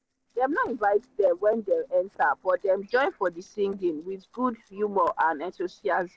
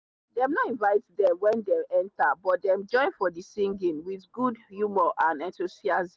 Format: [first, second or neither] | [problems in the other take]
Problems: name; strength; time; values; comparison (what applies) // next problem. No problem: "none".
second | noise reduction (neural separator model SepFormer DNS4)